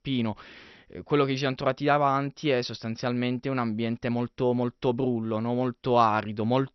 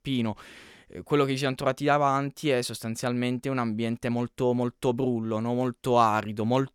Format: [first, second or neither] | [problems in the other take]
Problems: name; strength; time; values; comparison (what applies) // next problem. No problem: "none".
second | garbled, watery; slightly; nothing above 6 kHz